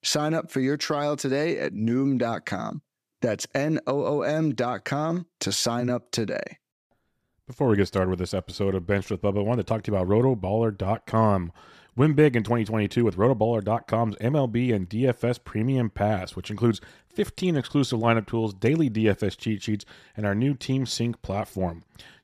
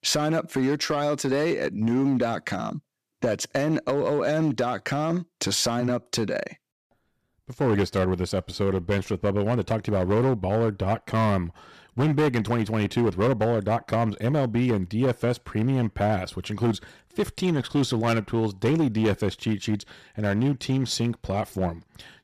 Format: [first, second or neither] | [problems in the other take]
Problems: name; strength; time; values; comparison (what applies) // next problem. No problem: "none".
first | distortion; slight; 8% of the sound clipped